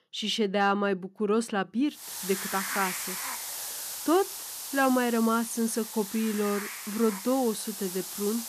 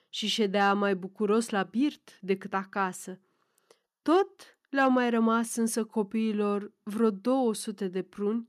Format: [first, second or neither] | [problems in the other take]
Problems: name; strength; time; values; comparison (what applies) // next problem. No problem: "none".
second | hiss; loud; from 2 s on; 6 dB below the speech